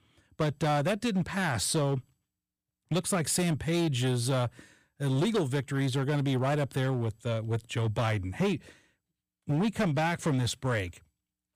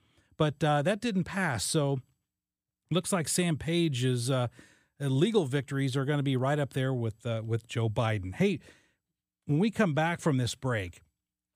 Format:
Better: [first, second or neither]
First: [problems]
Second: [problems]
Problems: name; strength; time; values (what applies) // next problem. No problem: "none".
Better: second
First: distortion; slight; 11% of the sound clipped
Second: none